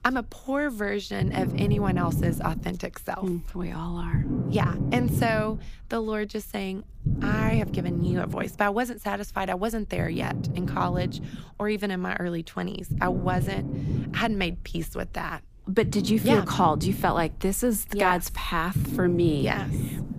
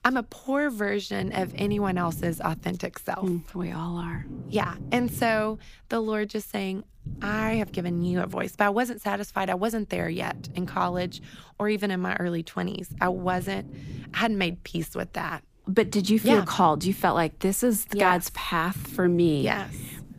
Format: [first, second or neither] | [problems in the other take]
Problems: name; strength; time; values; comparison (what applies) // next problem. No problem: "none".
second | low rumble; loud; throughout; 10 dB below the speech; faint in the second